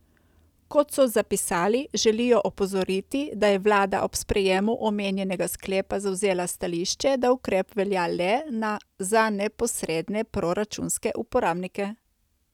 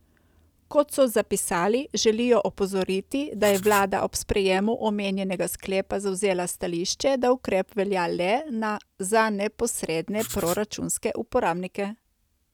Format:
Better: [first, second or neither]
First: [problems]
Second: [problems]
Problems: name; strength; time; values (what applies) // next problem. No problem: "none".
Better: first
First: none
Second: background sound (Writing); 12 dB below the speech